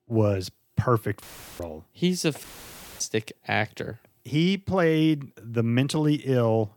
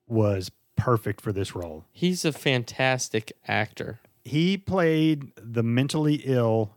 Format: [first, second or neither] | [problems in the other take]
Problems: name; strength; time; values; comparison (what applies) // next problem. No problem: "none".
second | audio cutting out; filled with static; at 1 s and at 2.5 s for 0.5 s